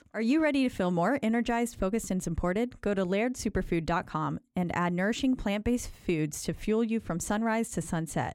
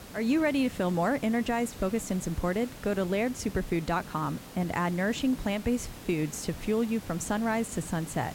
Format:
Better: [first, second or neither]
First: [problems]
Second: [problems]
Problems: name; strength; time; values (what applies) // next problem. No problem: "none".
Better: first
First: none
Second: hiss; noticeable; throughout; 15 dB below the speech